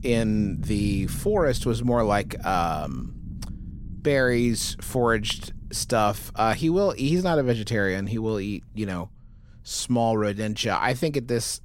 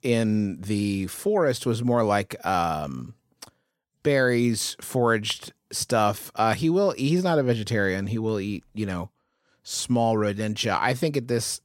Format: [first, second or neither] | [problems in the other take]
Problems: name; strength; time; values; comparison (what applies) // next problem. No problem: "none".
second | low rumble; faint; throughout; 20 dB below the speech